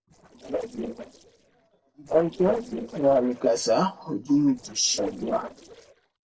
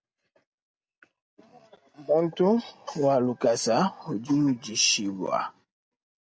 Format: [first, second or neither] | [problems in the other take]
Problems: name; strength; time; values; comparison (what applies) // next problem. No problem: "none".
second | noise reduction (neural separator model SepFormer DNS4)